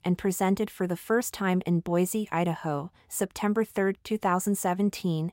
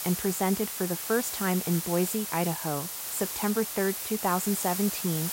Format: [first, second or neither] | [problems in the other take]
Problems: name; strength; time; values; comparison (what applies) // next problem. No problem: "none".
first | hiss; loud; throughout; 3 dB below the speech